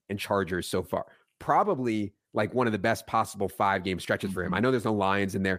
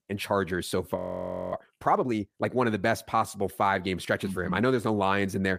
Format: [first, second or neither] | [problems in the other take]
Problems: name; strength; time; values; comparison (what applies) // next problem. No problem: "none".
first | audio freezing; at 1 s for 0.5 s